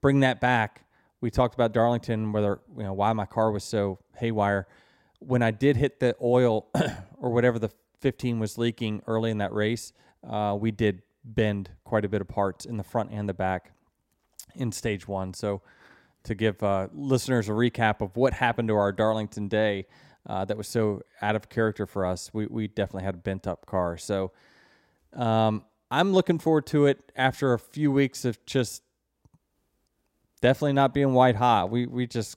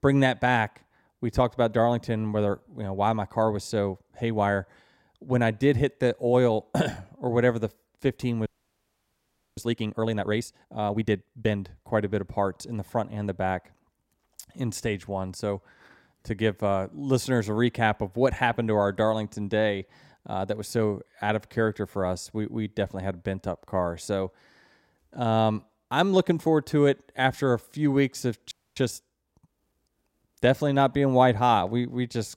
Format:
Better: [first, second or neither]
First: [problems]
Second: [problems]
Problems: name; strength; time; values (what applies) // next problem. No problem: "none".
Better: first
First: none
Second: audio freezing; at 8.5 s for 1 s and at 29 s